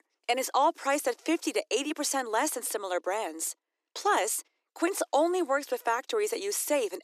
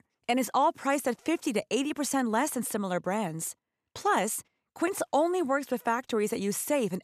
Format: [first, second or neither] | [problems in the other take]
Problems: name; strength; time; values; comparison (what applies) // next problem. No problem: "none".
second | thin; somewhat; fading below 300 Hz